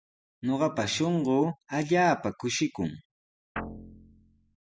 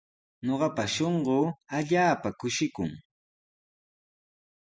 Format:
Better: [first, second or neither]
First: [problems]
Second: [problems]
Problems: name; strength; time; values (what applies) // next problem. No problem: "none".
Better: second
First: background sound (Guitar); 12 dB below the speech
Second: none